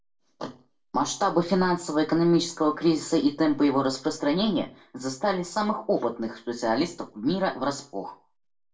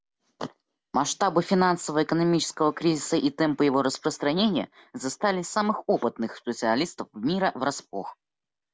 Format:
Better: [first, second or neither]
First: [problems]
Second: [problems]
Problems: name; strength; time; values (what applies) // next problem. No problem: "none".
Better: second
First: room echo; dies away in 0.2 s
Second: none